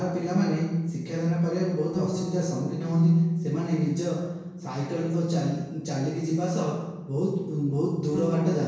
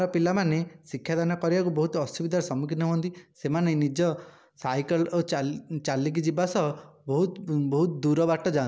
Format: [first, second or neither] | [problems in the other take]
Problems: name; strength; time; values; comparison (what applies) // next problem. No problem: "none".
second | background sound (Bass guitar); 12 dB below the speech // room echo; dies away in 1 s